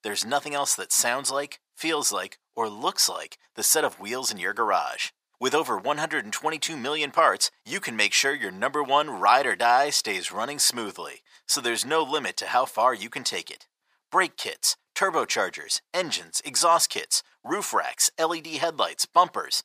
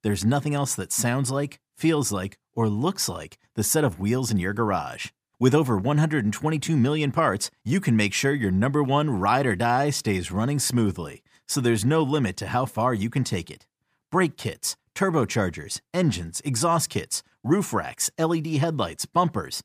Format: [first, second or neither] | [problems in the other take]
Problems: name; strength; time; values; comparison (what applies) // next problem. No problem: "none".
second | thin; very; fading below 700 Hz